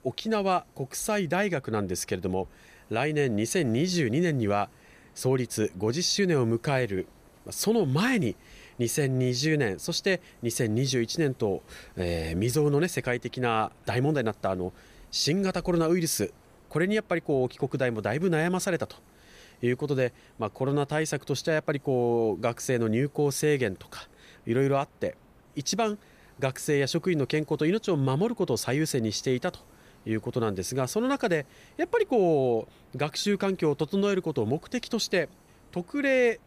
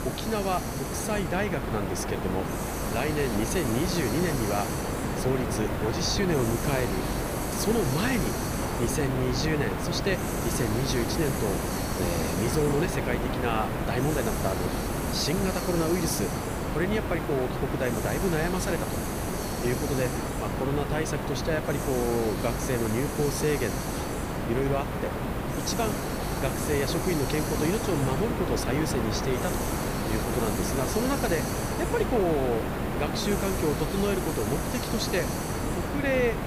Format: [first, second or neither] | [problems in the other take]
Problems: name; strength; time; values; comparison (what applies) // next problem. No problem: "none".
first | hiss; loud; throughout; as loud as the speech; faint in the first